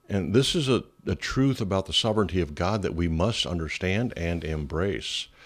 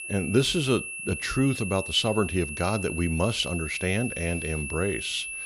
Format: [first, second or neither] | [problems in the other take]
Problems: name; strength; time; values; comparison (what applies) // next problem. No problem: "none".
first | high-pitched whine; loud; throughout; 2.5 kHz, 7 dB below the speech